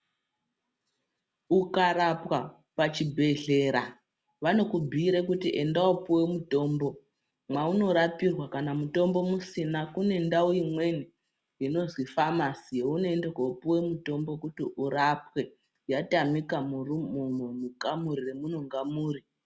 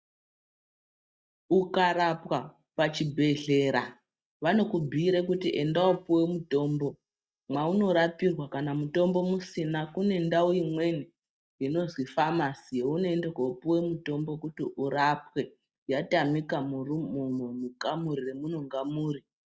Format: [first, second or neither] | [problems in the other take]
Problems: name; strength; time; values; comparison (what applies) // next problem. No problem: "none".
first | noise reduction (neural mask model DeepFilterNet 3)